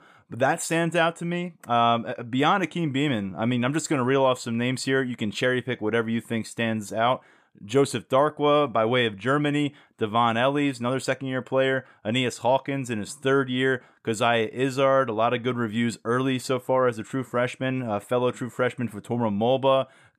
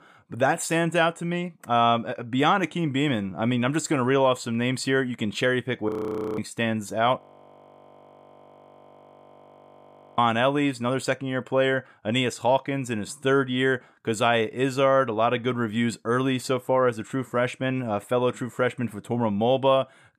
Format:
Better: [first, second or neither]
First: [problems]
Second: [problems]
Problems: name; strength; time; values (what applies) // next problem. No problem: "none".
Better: first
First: none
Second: audio freezing; at 6 s and at 7 s for 3 s